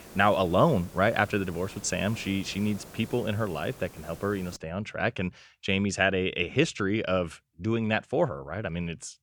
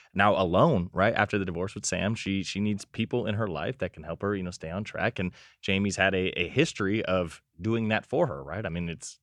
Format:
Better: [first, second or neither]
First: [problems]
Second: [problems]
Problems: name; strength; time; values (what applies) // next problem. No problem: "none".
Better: second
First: hiss; noticeable; until 4.5 s; 20 dB below the speech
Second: none